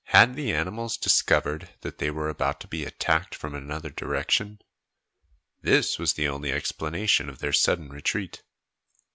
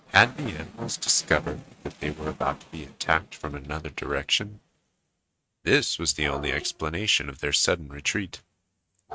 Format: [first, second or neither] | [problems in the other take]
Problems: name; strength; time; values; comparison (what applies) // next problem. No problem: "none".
first | noise reduction (neural mask model RNNoise)